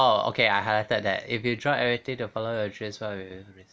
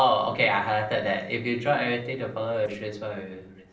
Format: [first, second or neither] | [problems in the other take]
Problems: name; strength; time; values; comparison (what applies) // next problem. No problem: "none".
first | noise reduction (neural separator model SepFormer DNS4)